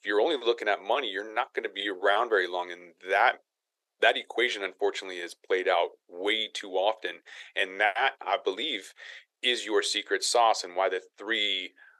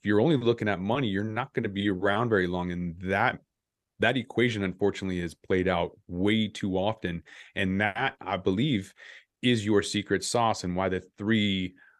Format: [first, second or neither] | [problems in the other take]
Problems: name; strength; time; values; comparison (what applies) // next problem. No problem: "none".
second | thin; very; fading below 400 Hz